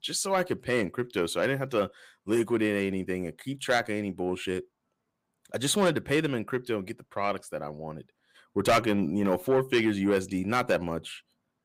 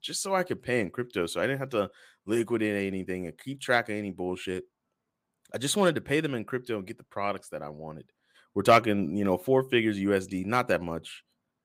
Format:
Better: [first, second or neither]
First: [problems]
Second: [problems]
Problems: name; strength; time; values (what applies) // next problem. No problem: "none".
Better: second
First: distortion; slight; 10 dB below the speech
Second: none